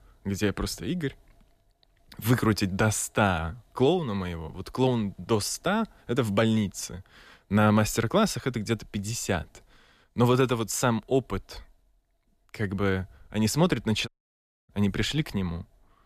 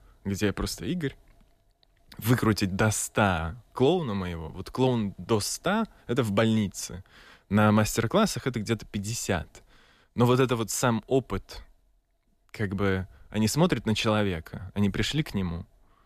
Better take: second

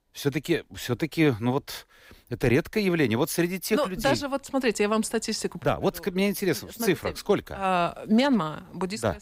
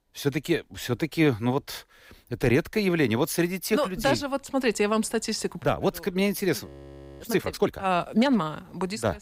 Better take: first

